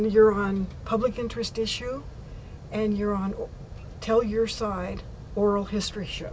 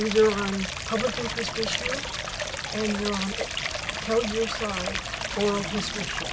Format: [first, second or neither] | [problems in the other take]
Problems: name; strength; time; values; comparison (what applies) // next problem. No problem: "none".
first | background sound (Stream); 3 dB below the speech